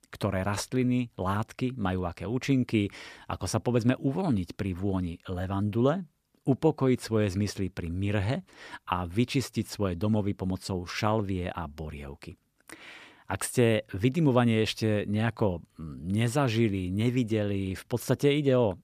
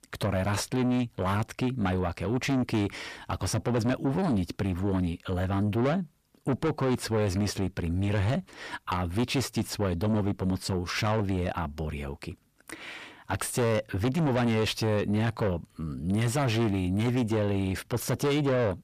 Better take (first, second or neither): first